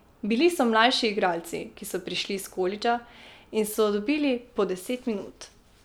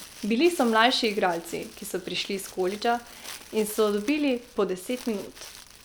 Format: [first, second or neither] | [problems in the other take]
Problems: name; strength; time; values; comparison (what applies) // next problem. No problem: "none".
first | background sound (Crumpling, crinkling); 19 dB below the speech